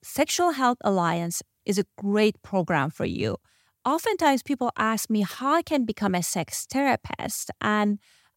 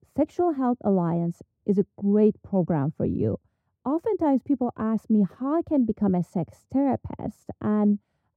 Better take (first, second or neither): first